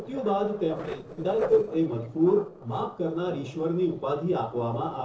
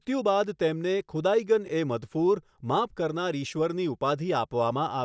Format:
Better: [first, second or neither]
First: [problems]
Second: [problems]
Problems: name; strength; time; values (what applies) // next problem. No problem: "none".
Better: second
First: noise reduction (neural separator model SepFormer DNS4)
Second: none